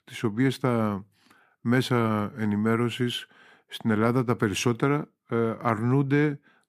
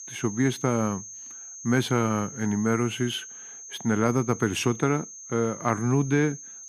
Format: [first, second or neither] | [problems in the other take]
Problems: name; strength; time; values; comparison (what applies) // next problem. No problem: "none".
first | high-pitched whine; noticeable; throughout; 6.5 kHz, 15 dB below the speech